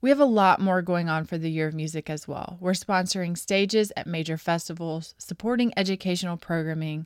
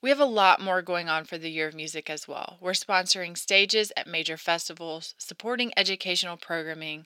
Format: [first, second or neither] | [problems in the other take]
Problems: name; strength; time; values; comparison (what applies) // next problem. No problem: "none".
first | thin; somewhat; fading below 400 Hz